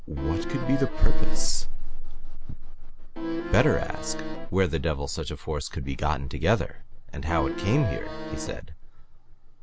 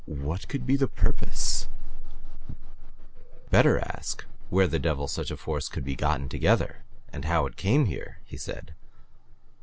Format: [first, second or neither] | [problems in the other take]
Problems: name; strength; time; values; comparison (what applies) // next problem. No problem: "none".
second | background sound (Accordion); 11 dB below the speech